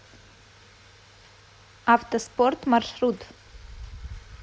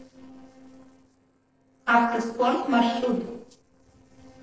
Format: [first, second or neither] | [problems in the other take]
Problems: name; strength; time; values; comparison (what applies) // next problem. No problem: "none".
first | noise reduction (neural separator model SepFormer DNS4)